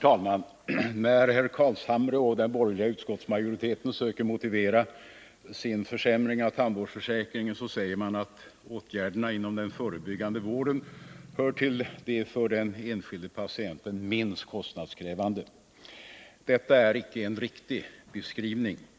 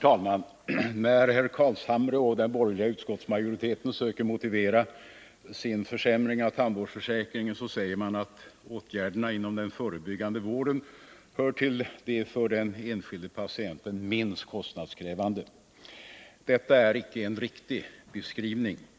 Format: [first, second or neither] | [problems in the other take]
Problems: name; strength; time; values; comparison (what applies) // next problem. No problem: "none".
second | background sound (Engine); 20 dB below the speech